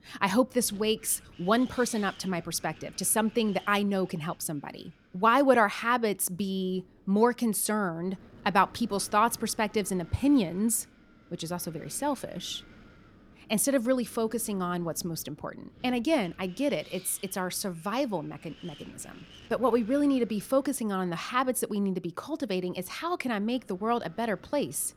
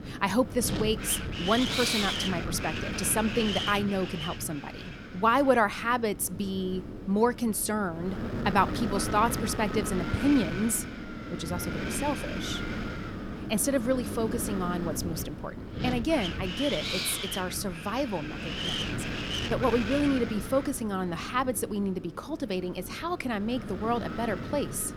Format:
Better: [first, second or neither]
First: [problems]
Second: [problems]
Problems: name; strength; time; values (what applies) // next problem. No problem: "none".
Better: first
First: wind noise on the microphone; occasional gusts; 25 dB below the speech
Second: wind noise on the microphone; heavy; 5 dB below the speech